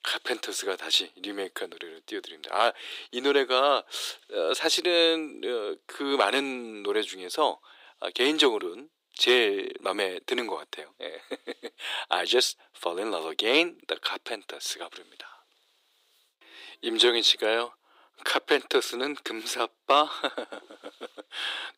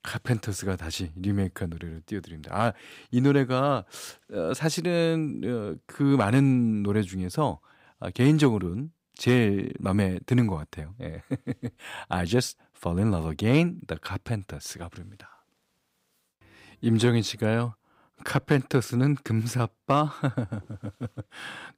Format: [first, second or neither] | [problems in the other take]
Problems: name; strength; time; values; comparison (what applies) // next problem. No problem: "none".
second | thin; very; fading below 350 Hz